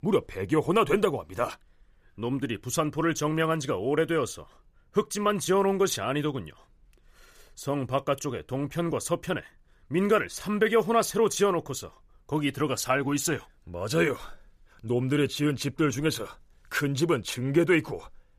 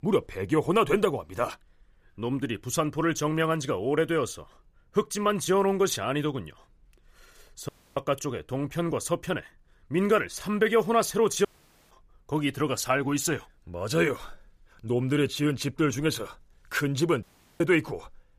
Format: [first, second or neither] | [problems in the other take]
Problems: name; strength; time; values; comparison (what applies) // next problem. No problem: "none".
first | audio cutting out; at 7.5 s, at 11 s and at 17 s